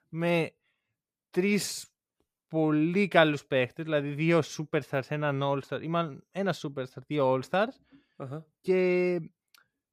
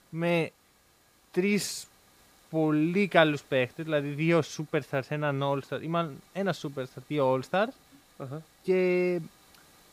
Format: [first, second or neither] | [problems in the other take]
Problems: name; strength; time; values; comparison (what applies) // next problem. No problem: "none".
first | hiss; faint; throughout; 30 dB below the speech